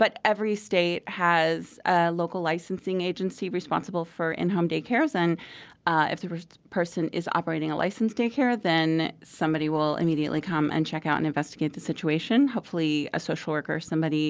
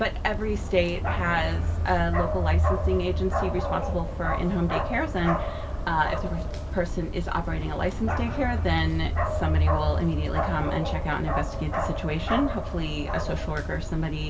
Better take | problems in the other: first | background sound (Bark); 1 dB above the speech // room echo; dies away in 0.2 s

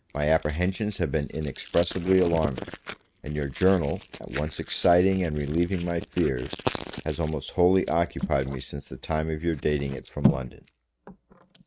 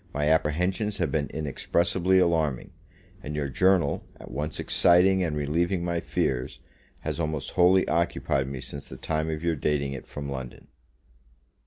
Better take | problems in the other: second | noise reduction (neural mask model RNNoise)

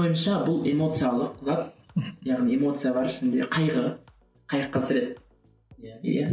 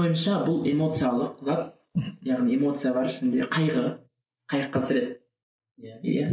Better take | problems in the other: first | noise reduction (neural mask model Resemble Enhance denoiser)

